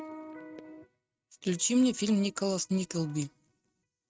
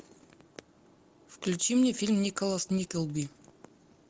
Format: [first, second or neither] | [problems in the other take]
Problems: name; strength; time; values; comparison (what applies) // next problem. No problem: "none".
second | noise reduction (neural mask model RNNoise)